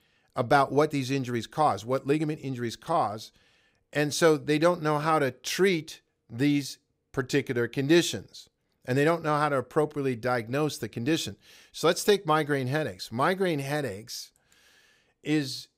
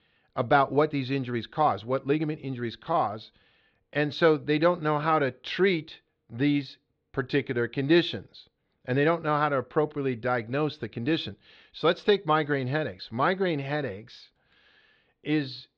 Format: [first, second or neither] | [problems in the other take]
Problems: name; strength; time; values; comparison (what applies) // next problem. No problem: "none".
first | muffled; slightly; fading above 4 kHz